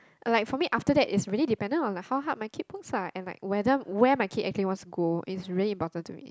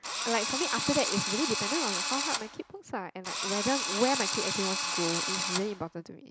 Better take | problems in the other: first | background sound (Drill); 1 dB above the speech

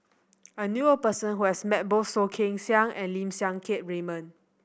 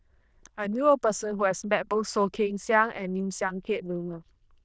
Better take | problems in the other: first | noise reduction (neural diffusion model UNIVERSE++)

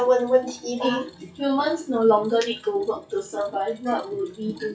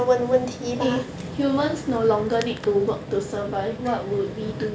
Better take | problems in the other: second | noise reduction (classical method WPE with log-MMSE)

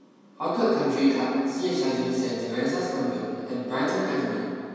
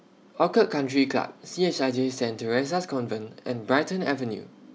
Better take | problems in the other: second | room echo; dies away in 2.1 s

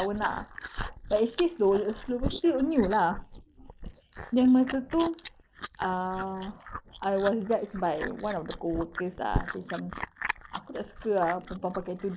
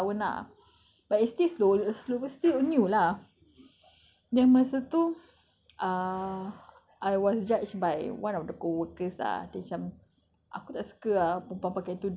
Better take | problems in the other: second | noise reduction (neural mask model Resemble Enhance denoiser)

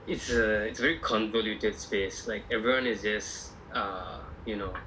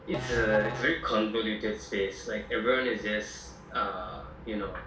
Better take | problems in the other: first | background sound (Musical instrument); 11 dB below the speech // room echo; dies away in 0.5 s

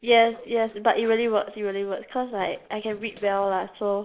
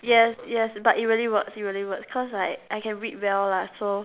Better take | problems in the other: second | noise reduction (neural separator model SepFormer DNS4)

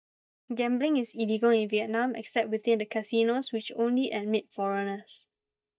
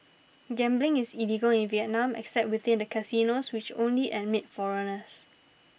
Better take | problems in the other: second | noise reduction (neural mask model DeepFilterNet 3)

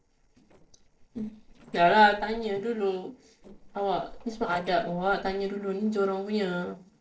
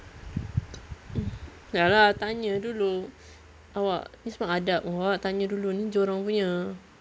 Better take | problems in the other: second | noise reduction (neural separator model SepFormer DNS4)

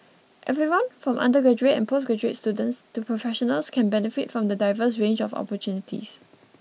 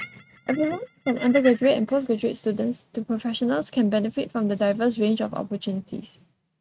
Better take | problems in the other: first | noise reduction (neural mask model RNNoise)

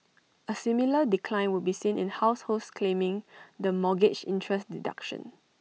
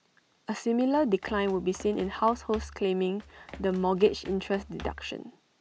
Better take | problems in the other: first | background sound (Run); 17 dB below the speech

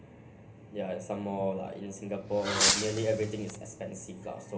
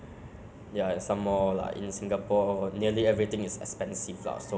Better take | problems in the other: second | background sound (Fireworks); 2 dB above the speech // room echo; dies away in 0.3 s

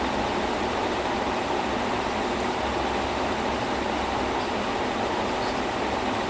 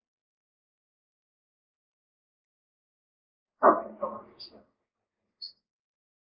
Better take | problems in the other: first | noise reduction (neural mask model Resemble Enhance denoiser)

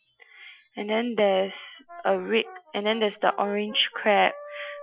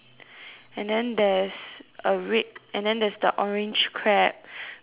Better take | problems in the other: second | noise reduction (classical method Wiener filter)

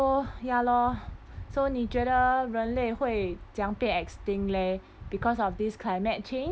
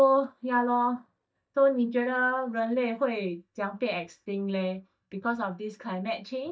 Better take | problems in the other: first | noise reduction (neural mask model DeepFilterNet 3)

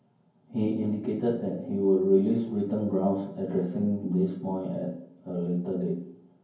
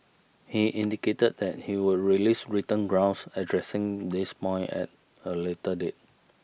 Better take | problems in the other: second | room echo; dies away in 0.9 s

